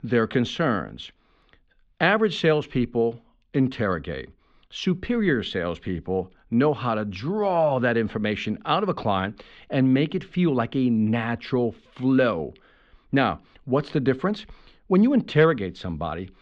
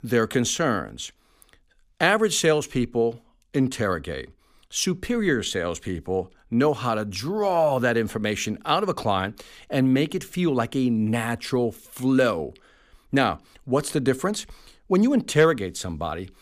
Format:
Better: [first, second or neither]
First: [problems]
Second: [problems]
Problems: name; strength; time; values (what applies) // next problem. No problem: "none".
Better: second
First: muffled; slightly; fading above 3.5 kHz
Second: none